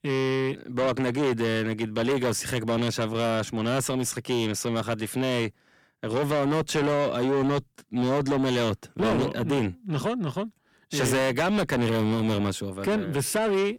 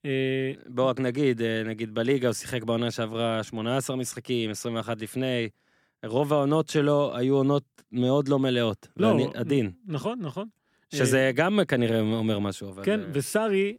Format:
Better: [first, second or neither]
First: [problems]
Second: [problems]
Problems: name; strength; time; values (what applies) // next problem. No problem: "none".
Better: second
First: distortion; heavy; 7 dB below the speech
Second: none